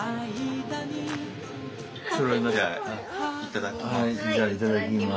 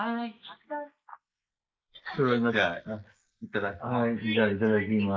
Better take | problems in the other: first | noise reduction (neural mask model Resemble Enhance denoiser)

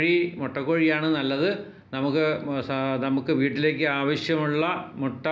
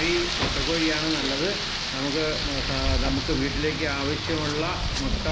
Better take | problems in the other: first | background sound (Rain); 1 dB above the speech

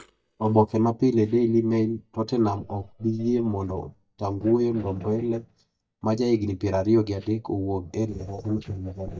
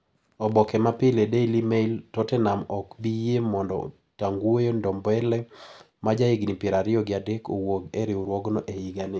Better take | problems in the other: second | noise reduction (neural mask model DeepFilterNet 3)

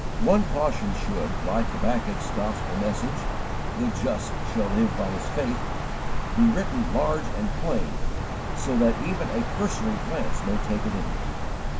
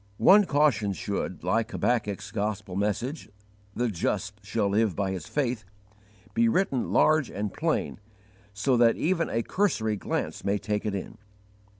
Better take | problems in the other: second | background sound (Wind); 1 dB above the speech // room echo; dies away in 0.3 s

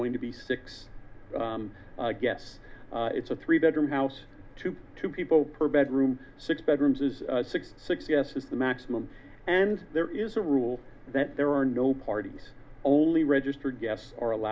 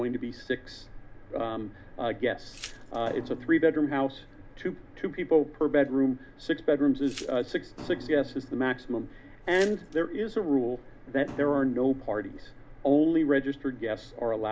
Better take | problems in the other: first | background sound (Glass + Thump, thud); 18 dB below the speech

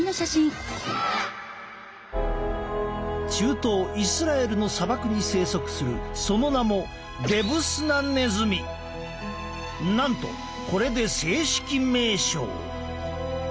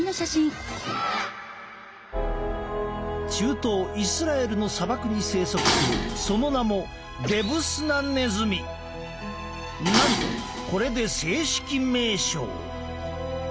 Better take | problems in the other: first | background sound (Dishes, pots, and pans); 4 dB below the speech

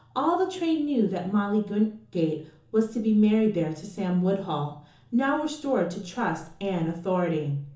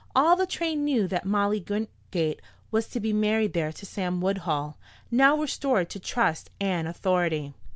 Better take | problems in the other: second | room echo; dies away in 0.7 s

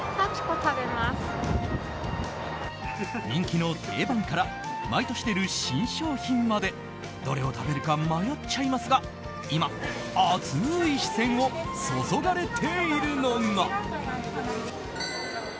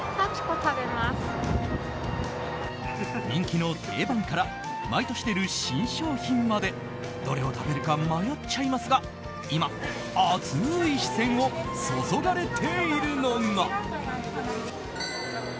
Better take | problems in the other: first | background sound (Bowed string instrument); 13 dB below the speech

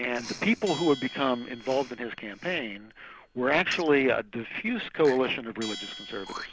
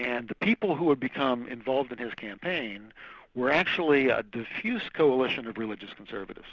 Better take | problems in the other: second | background sound (Bell + Respiratory sounds); 16 dB below the speech

